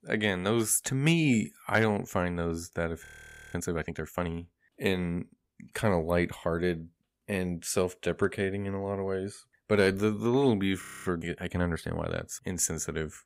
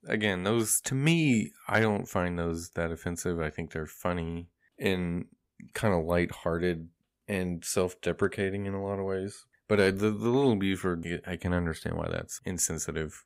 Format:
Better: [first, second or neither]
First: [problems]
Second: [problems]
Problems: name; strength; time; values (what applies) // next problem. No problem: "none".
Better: second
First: audio freezing; at 3 s and at 11 s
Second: none